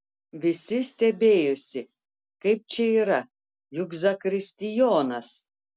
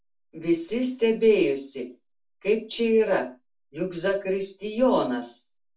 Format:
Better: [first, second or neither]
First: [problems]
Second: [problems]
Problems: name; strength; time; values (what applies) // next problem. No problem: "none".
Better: first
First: none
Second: room echo; dies away in 0.3 s